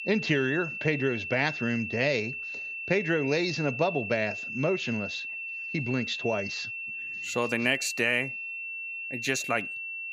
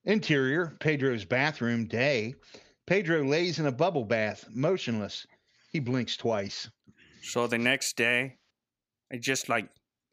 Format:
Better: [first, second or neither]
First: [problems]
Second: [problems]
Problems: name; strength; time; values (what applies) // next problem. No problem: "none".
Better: second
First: high-pitched whine; loud; throughout; 2.5 kHz, 5 dB below the speech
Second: none